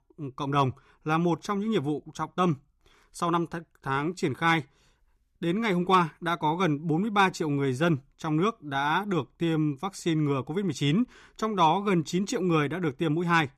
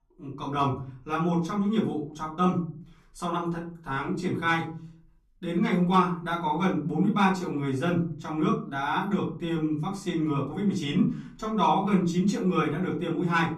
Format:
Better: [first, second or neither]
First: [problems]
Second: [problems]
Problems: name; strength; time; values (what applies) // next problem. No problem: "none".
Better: first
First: none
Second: room echo; slight; dies away in 0.4 s // off-mic speech; far